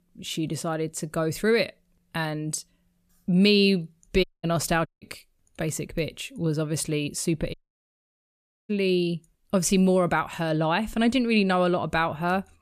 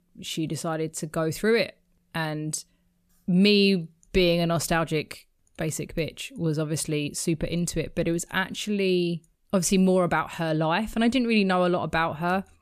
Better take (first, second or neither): second